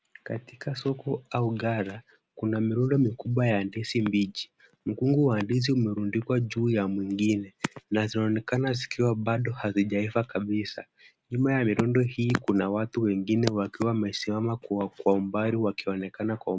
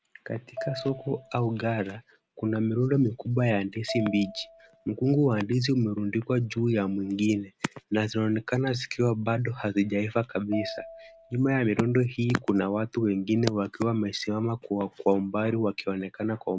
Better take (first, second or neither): first